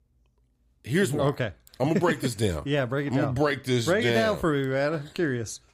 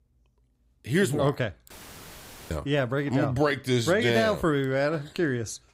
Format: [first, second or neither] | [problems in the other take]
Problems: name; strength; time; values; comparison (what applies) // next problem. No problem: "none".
first | audio cutting out; filled with static; at 1.5 s for 1 s